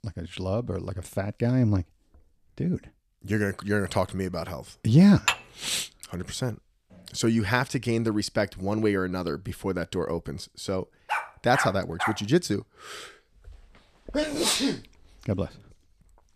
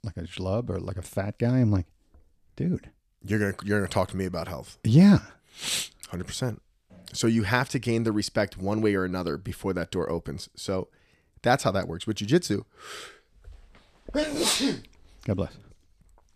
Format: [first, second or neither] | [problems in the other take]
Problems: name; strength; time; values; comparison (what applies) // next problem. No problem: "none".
second | clattering dishes; loud; at 5.5 s; peak level with the speech // dog barking; noticeable; from 11 to 12 s; peak 2 dB below the speech